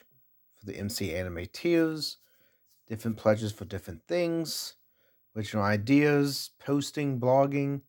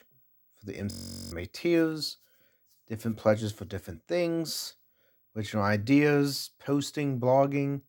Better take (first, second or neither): first